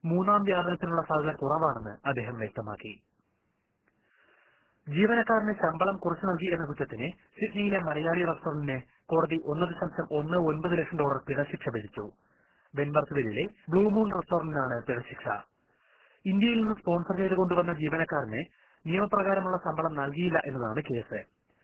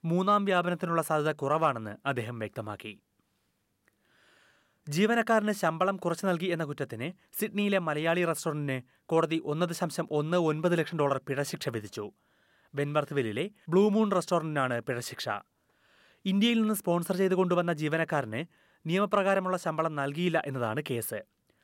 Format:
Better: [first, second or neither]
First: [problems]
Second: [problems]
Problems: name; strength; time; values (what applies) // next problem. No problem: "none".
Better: second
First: garbled, watery; badly; nothing above 3 kHz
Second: none